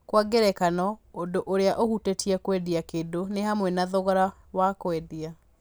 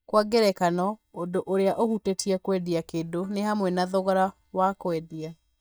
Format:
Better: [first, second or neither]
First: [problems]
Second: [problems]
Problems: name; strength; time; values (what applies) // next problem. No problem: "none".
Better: first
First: none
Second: noise reduction (neural mask model DeepFilterNet 3)